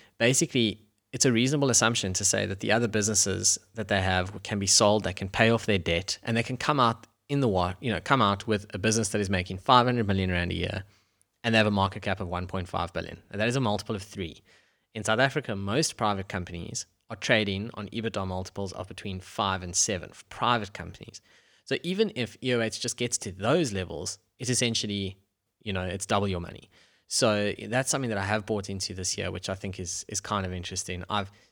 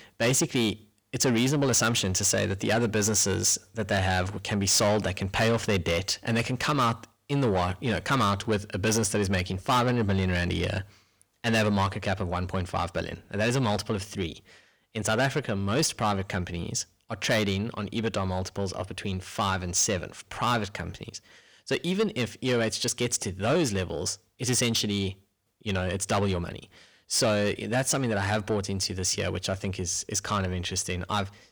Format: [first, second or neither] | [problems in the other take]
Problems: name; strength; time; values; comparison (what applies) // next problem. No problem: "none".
first | distortion; heavy; 8 dB below the speech